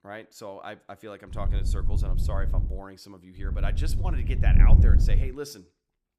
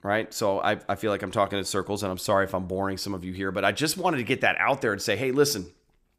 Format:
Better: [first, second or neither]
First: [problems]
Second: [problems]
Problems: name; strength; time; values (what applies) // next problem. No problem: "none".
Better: second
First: wind noise on the microphone; heavy; from 1.5 to 2.5 s and from 3.5 to 5.5 s; 3 dB below the speech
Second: none